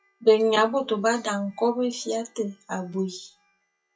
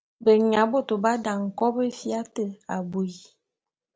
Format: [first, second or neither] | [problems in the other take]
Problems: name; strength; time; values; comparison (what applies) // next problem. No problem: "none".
second | noise reduction (classical method WPE with log-MMSE)